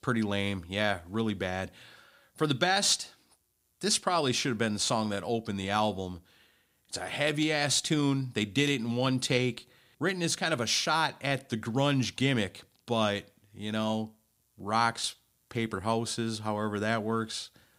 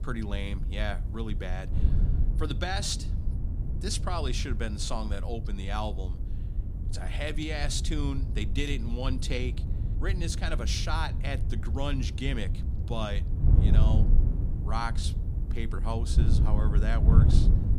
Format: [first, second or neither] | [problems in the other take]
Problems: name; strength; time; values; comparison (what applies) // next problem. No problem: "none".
first | wind noise on the microphone; heavy; 8 dB below the speech